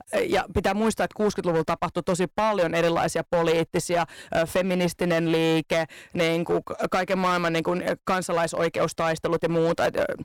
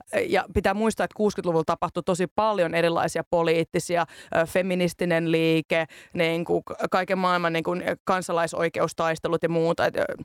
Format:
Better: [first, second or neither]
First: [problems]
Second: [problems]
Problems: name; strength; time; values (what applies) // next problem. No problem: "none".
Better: second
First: distortion; slight; 10% of the sound clipped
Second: none